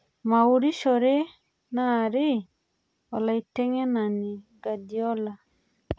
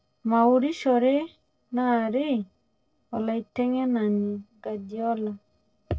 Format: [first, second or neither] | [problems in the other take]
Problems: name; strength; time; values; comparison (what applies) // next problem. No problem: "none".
first | noise reduction (neural separator model SepFormer DNS4)